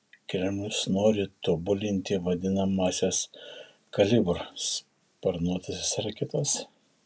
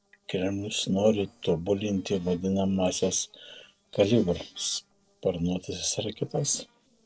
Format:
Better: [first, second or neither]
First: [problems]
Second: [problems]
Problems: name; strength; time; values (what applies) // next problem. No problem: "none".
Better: first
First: none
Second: noise reduction (neural separator model SepFormer DNS4)